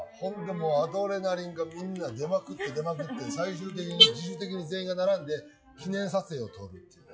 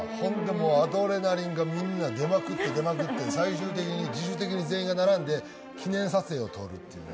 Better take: second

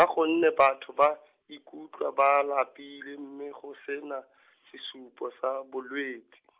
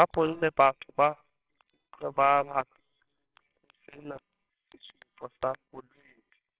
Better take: first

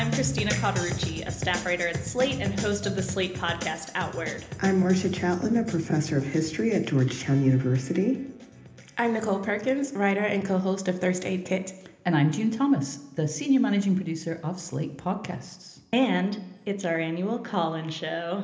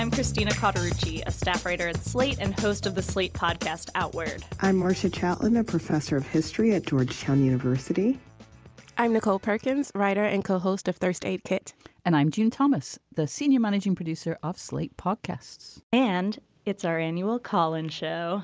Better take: second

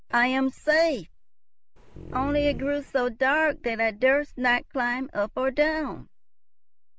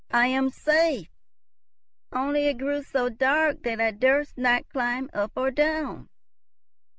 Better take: second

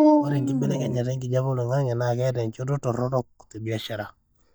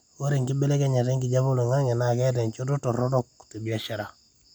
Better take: second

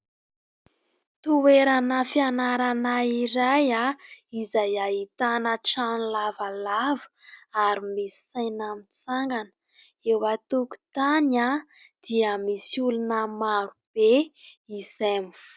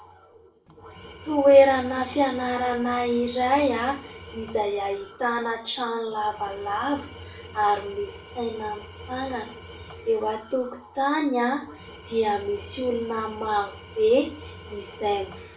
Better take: first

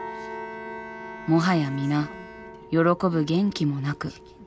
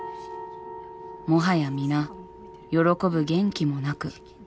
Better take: second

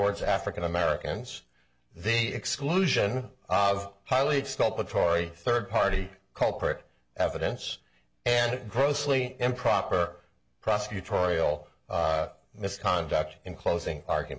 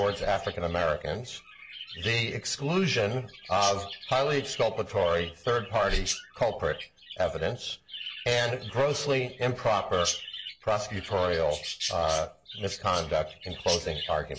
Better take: first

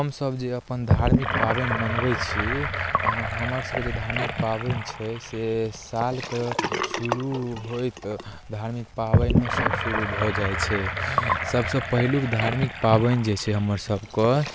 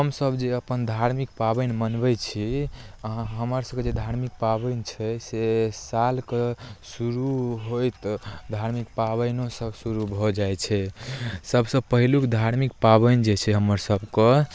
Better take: second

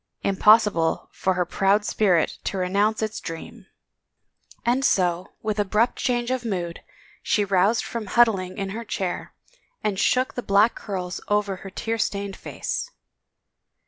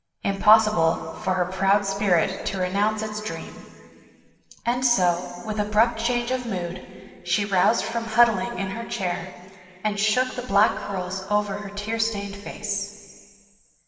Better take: first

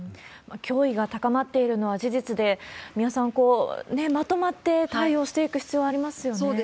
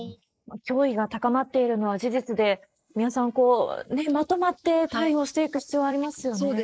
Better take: first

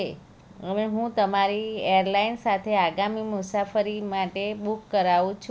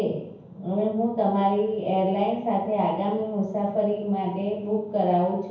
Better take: first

